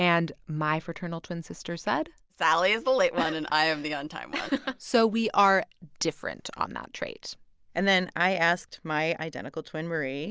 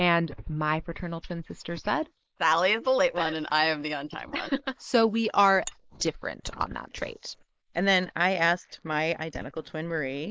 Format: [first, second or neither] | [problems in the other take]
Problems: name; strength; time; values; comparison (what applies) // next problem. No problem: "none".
first | noise reduction (neural mask model Resemble Enhance denoiser)